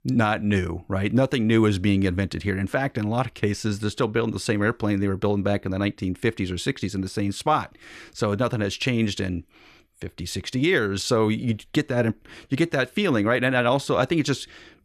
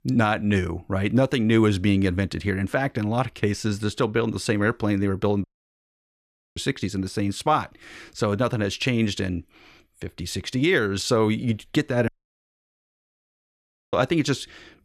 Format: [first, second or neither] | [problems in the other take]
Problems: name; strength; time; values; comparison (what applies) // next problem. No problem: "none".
first | audio cutting out; at 5.5 s for 1 s and at 12 s for 2 s